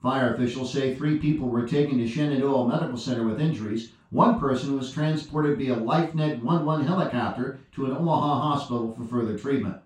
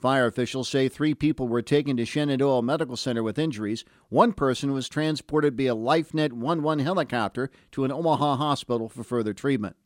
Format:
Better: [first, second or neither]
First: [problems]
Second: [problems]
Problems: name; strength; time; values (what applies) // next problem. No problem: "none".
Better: second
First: room echo; noticeable; dies away in 0.3 s // off-mic speech; far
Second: none